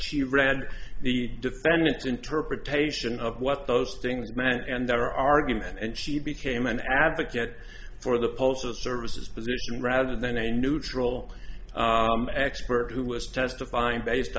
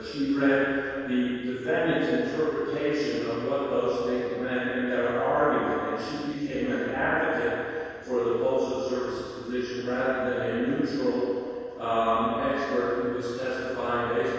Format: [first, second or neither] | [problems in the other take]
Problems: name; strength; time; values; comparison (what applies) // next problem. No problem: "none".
first | room echo; dies away in 2.2 s